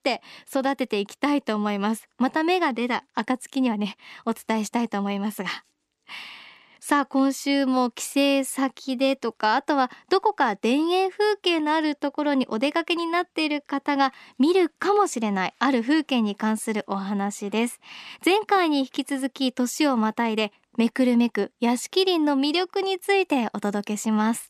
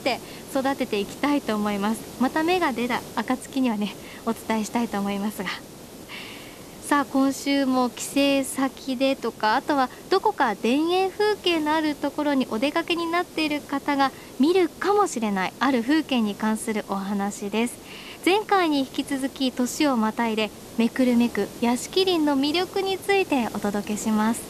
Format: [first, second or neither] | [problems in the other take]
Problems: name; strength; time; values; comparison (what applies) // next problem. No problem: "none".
first | hiss; noticeable; throughout; 15 dB below the speech